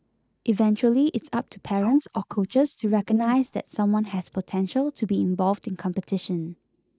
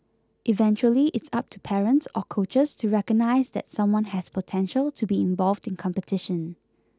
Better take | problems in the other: second | noise reduction (neural mask model Resemble Enhance denoiser)

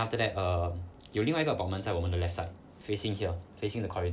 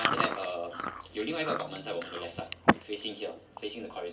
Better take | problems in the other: first | background sound (Chewing, mastication); 3 dB above the speech // room echo; dies away in 0.2 s

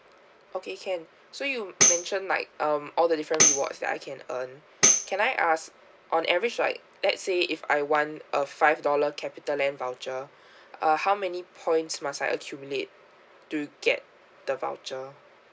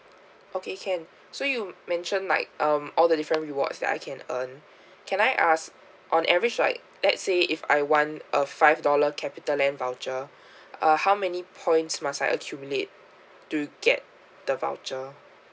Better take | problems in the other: second | background sound (Tambourine); 2 dB above the speech

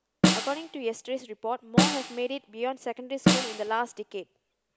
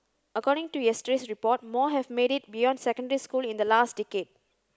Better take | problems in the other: second | background sound (Snare drum); 5 dB above the speech

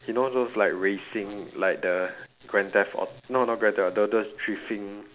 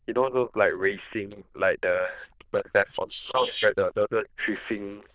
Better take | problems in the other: first | noise reduction (neural diffusion model UNIVERSE++)

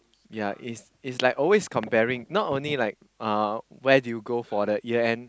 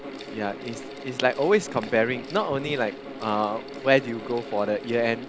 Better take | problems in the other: first | background sound (Mechanical fan); 12 dB below the speech

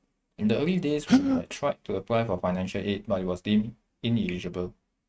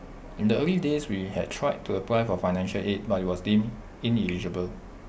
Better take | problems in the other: second | noise reduction (neural mask model RNNoise)

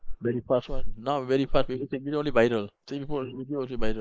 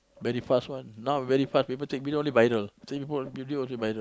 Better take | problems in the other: second | noise reduction (neural mask model Resemble Enhance denoiser)

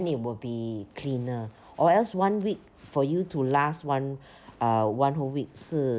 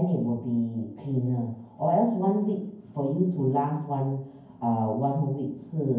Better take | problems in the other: first | room echo; dies away in 0.9 s

